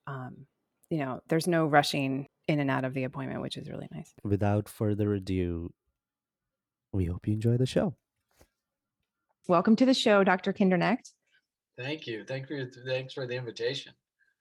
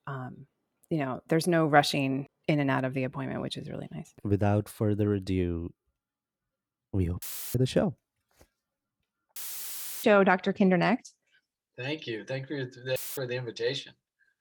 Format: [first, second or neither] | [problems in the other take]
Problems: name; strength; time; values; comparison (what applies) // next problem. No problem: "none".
first | audio cutting out; filled with static; at 7 s, at 9.5 s for 0.5 s and at 13 s